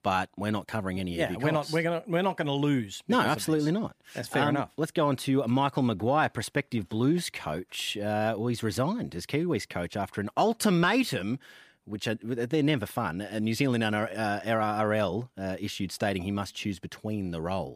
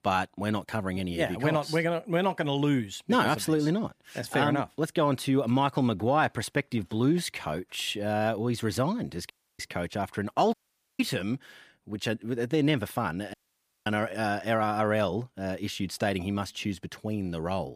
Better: first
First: none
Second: audio cutting out; at 9.5 s, at 11 s and at 13 s for 0.5 s

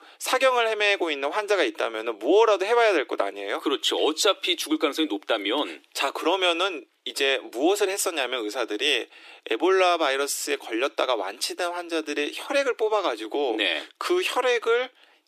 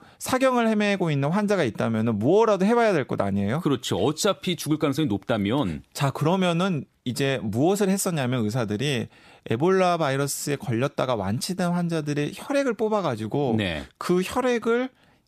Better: second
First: thin; very; fading below 300 Hz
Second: none

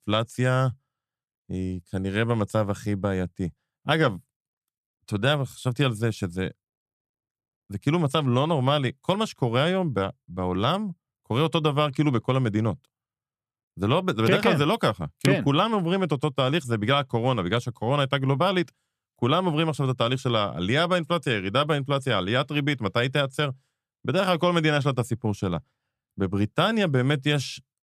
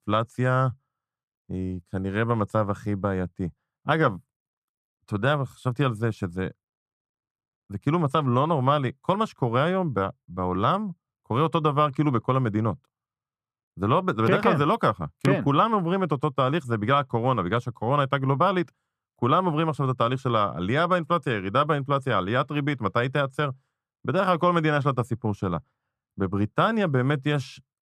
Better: first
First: none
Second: muffled; slightly; fading above 2.5 kHz

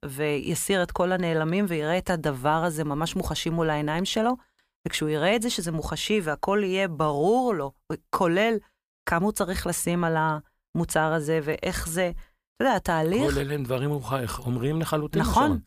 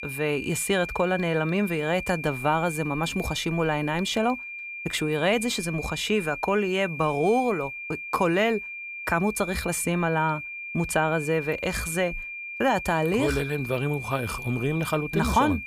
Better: first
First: none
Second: high-pitched whine; loud; throughout; 2.5 kHz, 8 dB below the speech

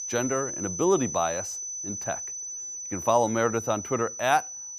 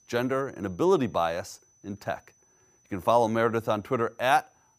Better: second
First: high-pitched whine; loud; throughout; 6 kHz, 6 dB below the speech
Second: high-pitched whine; faint; throughout; 6 kHz, 35 dB below the speech

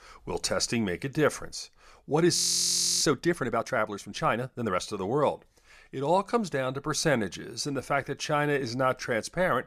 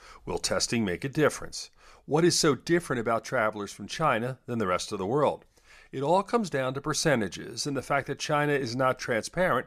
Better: second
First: audio freezing; at 2.5 s for 0.5 s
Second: none

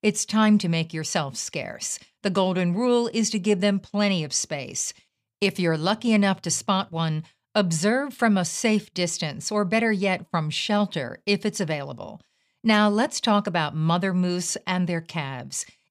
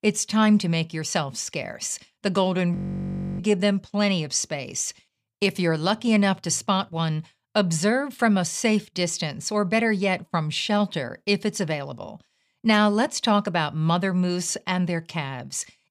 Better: first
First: none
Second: audio freezing; at 3 s for 0.5 s

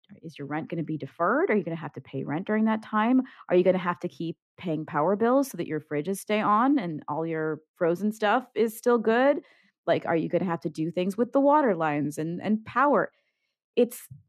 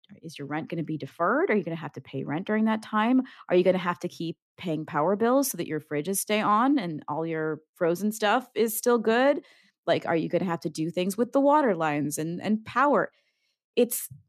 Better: second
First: muffled; slightly; fading above 3.5 kHz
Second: none

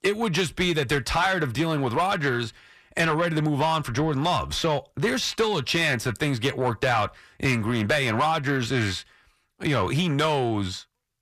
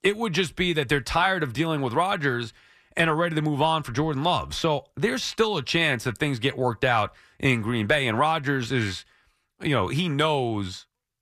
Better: second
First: distortion; slight; 10 dB below the speech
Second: none

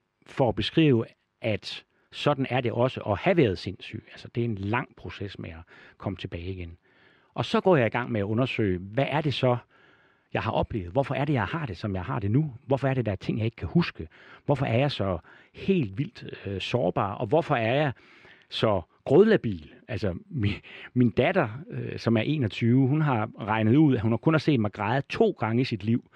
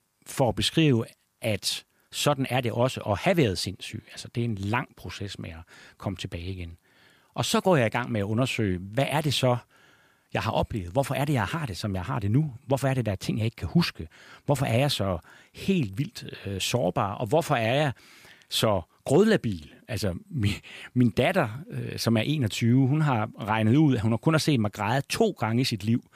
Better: second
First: muffled; slightly; fading above 2.5 kHz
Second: none

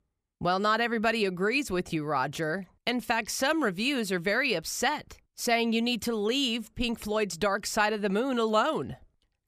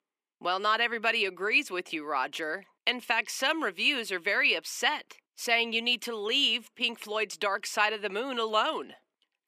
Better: first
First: none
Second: thin; somewhat; fading below 250 Hz

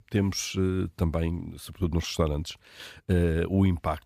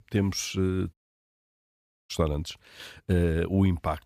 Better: first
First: none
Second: audio cutting out; at 1 s for 1 s

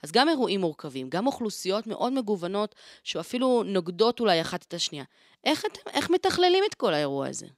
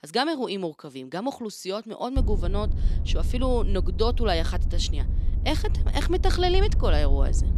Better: first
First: none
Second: low rumble; noticeable; from 2 s on; 15 dB below the speech

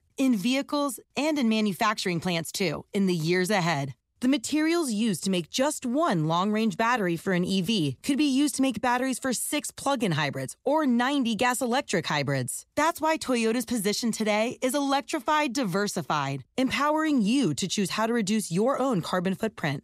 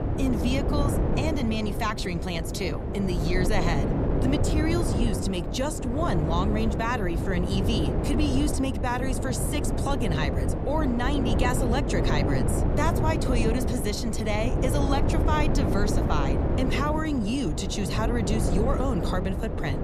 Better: first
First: none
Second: wind noise on the microphone; heavy; 2 dB below the speech

